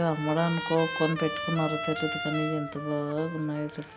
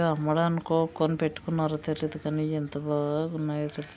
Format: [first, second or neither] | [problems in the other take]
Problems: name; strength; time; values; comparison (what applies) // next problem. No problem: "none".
second | background sound (Trumpet); 7 dB below the speech // room echo; dies away in 0.6 s